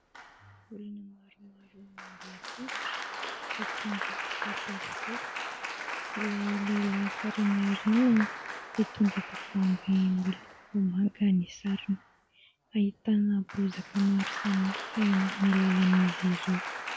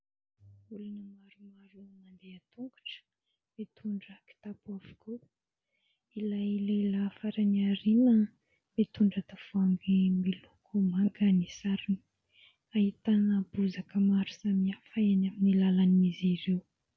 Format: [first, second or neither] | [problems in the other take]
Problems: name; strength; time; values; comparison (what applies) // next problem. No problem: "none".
second | background sound (Applause); 9 dB below the speech